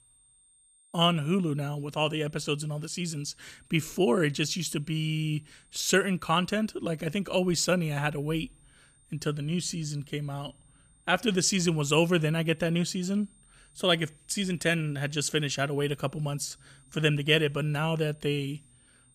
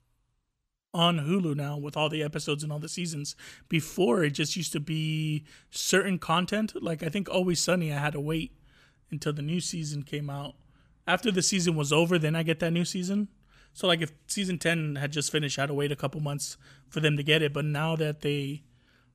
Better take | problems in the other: second | high-pitched whine; faint; throughout; 8.5 kHz, 30 dB below the speech

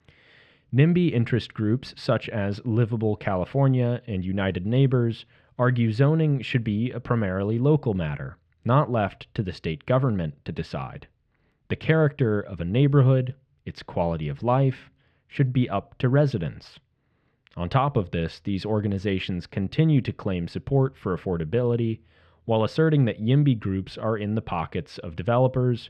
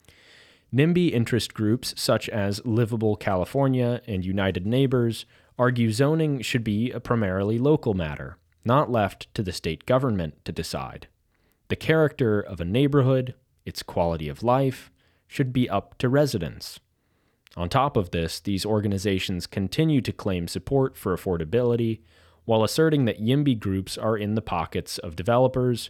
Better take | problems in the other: second | muffled; slightly; fading above 2.5 kHz

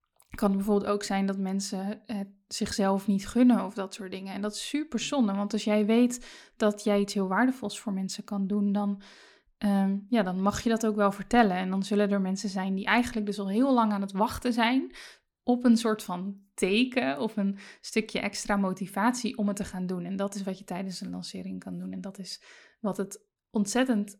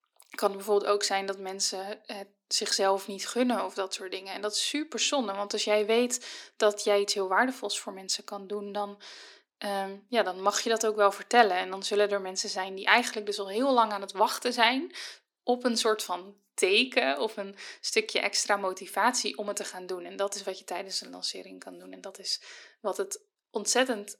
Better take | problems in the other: first | thin; somewhat; fading below 300 Hz

